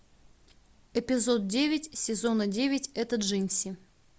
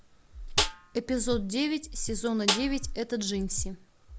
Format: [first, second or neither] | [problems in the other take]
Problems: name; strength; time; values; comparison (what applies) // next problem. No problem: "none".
first | background sound (Snare drum + Breathing); 3 dB below the speech